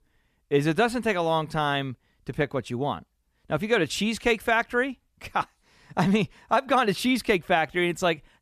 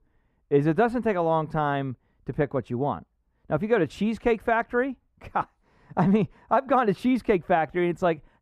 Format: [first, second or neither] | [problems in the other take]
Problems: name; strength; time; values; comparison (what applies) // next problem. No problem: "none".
first | muffled; very; fading above 2 kHz